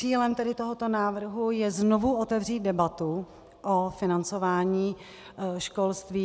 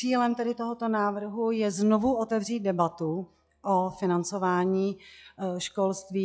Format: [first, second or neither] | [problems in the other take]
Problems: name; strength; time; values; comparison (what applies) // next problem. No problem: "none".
first | noise reduction (classical method log-MMSE)